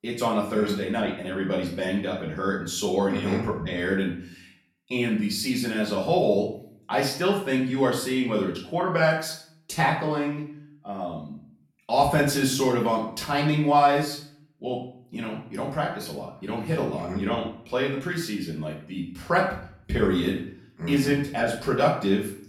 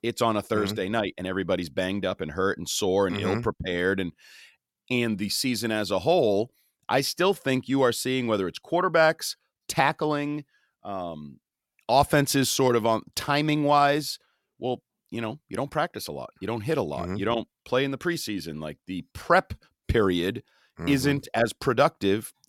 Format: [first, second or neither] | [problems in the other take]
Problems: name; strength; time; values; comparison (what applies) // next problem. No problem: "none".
second | room echo; noticeable; dies away in 0.5 s // off-mic speech; far